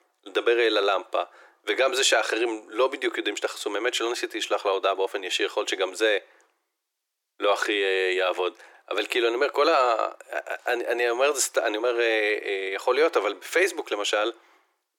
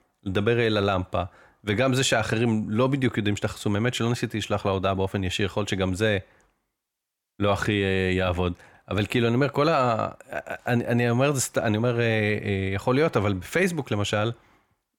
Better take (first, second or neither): second